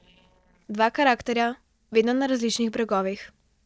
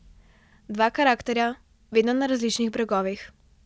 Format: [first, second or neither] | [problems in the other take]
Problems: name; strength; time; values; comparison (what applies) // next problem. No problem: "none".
second | noise reduction (neural separator model SepFormer DNS4)